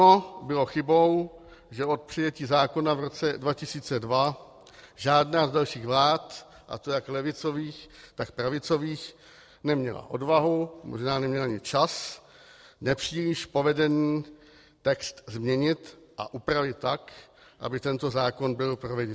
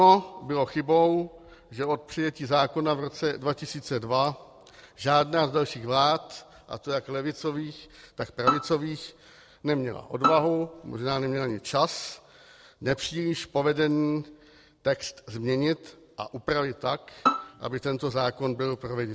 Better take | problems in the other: first | background sound (Bowed string instrument); 4 dB below the speech

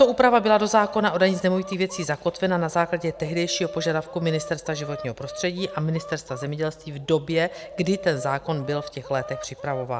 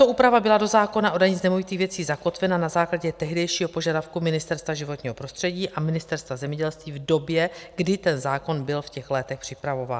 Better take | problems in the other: second | background sound (Chicken, rooster); 15 dB below the speech

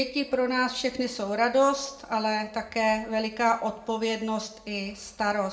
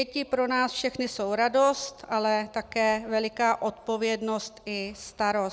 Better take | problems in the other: second | room echo; dies away in 0.7 s

